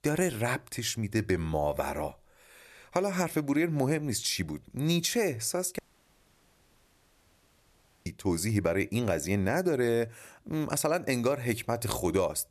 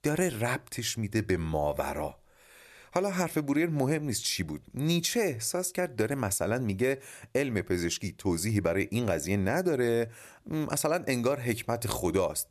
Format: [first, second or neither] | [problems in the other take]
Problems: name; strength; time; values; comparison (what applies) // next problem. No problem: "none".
second | audio cutting out; at 6 s for 2.5 s